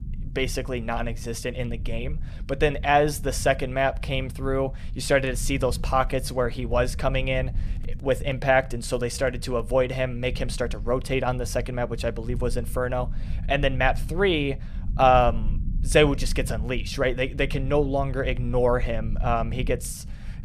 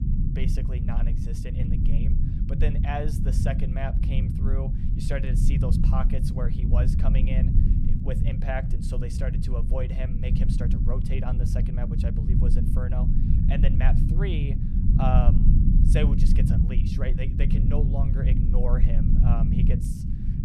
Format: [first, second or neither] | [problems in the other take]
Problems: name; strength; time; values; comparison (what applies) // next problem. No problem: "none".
first | low rumble; loud; throughout; 1 dB below the speech; faint in the first